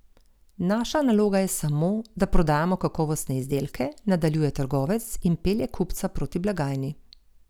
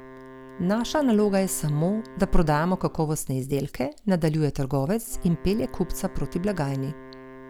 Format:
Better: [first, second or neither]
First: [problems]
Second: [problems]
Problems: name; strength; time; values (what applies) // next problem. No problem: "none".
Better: first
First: none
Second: background sound (Wind instrument, woodwind instrument); 20 dB below the speech